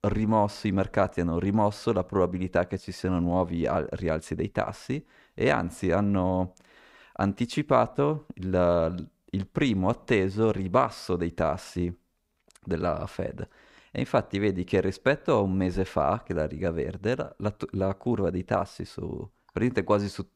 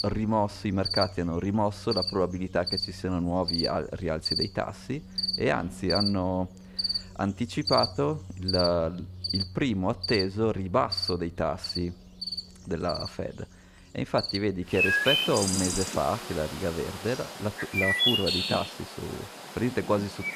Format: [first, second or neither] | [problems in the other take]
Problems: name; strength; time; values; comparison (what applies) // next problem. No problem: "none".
first | animal sounds; loud; throughout; as loud as the speech